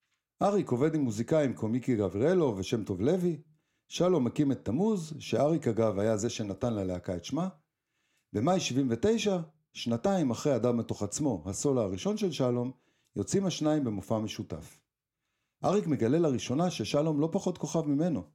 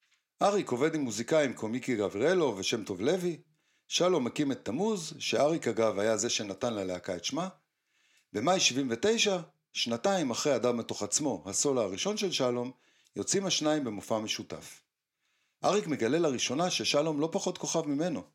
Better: first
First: none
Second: thin; very slightly; fading below 850 Hz

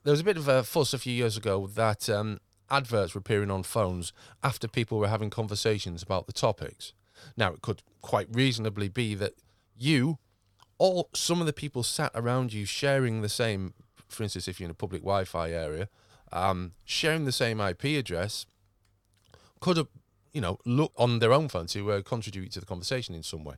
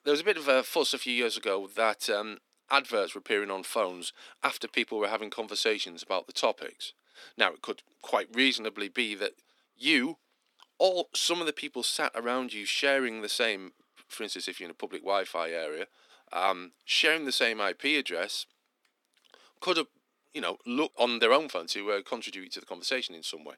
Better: first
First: none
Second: thin; somewhat; fading below 250 Hz

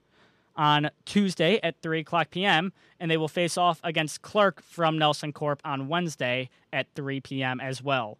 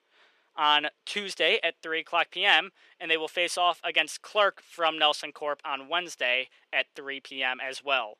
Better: first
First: none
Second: thin; very; fading below 400 Hz

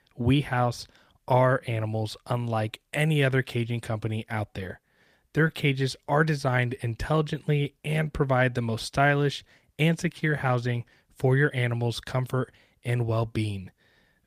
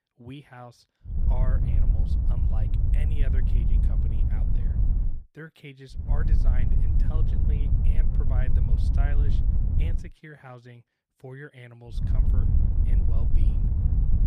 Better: first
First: none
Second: wind noise on the microphone; heavy; from 1 to 5 s, from 6 to 10 s and from 12 s on; 2 dB above the speech

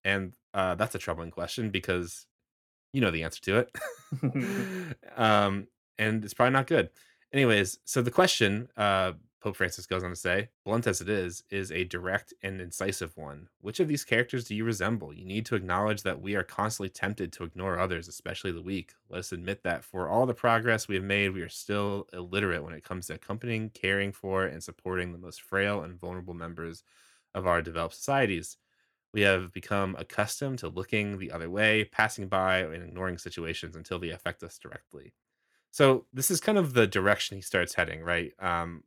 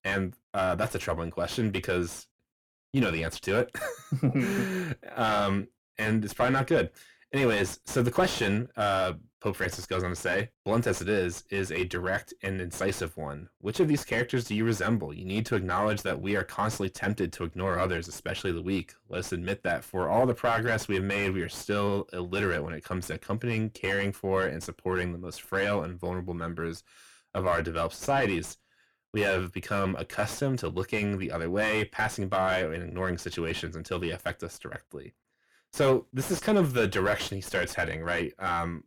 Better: first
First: none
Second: distortion; heavy; 5 dB below the speech

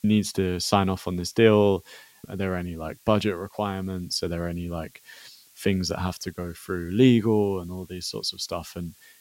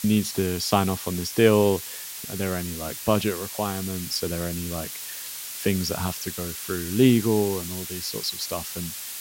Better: first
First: hiss; faint; throughout; 30 dB below the speech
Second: hiss; loud; throughout; 7 dB below the speech

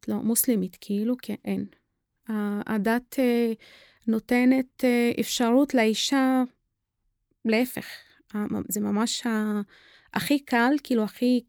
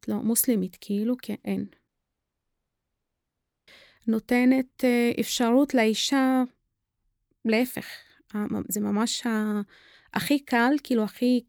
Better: first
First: none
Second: audio cutting out; at 2 s for 2 s

